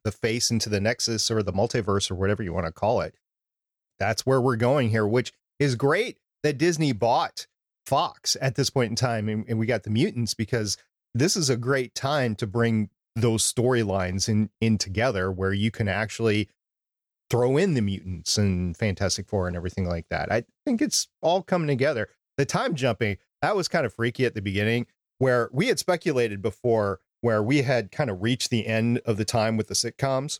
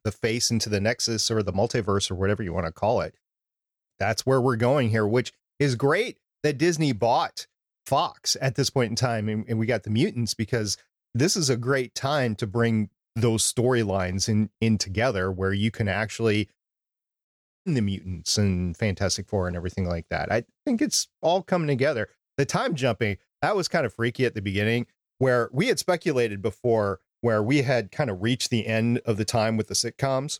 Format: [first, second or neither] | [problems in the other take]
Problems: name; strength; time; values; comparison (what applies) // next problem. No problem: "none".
first | audio cutting out; at 17 s